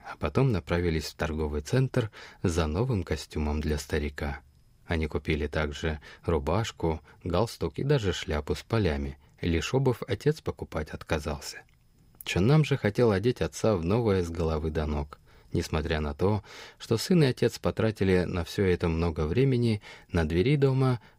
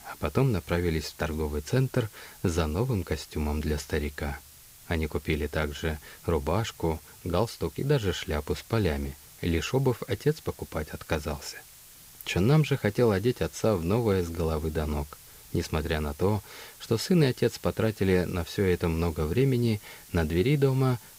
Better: first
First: none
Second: hiss; noticeable; throughout; 20 dB below the speech

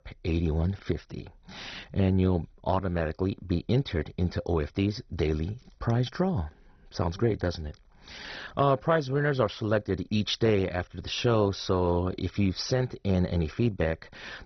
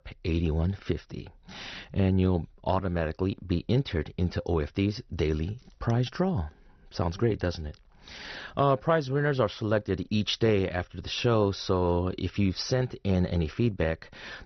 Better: second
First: garbled, watery; badly; nothing above 6 kHz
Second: garbled, watery; slightly; nothing above 6 kHz

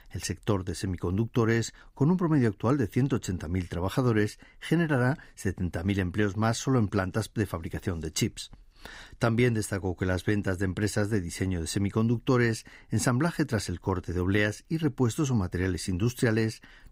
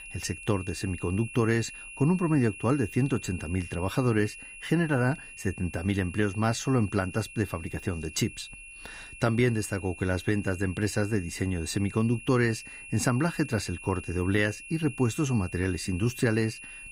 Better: first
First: none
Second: high-pitched whine; noticeable; throughout; 2.5 kHz, 15 dB below the speech

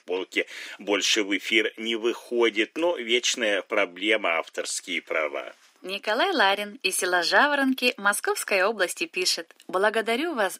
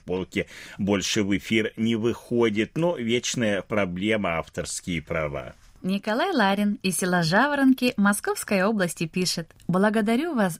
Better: second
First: thin; somewhat; fading below 300 Hz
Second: none

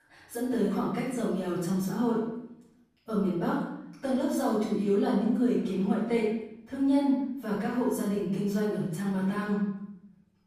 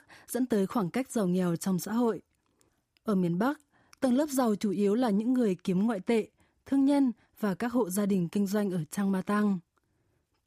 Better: second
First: off-mic speech; far // room echo; noticeable; dies away in 0.8 s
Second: none

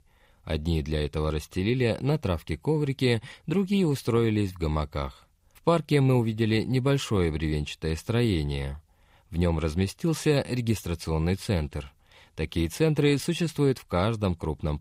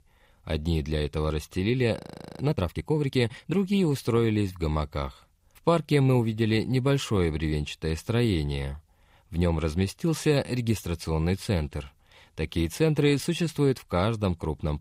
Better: first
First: none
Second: audio freezing; at 2 s

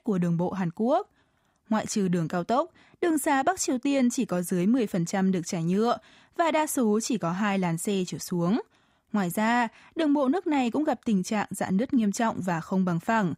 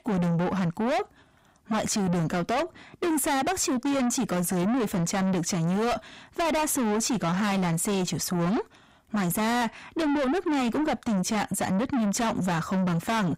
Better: first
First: none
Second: distortion; heavy; 7 dB below the speech

